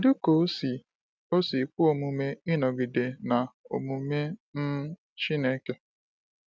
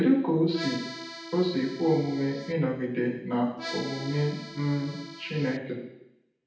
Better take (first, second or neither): first